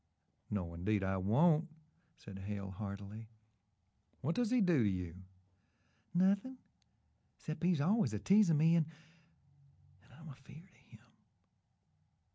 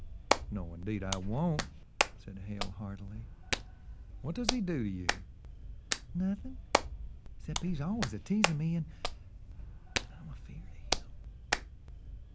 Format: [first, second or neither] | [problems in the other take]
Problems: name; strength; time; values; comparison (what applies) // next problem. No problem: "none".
first | background sound (Hands); 1 dB above the speech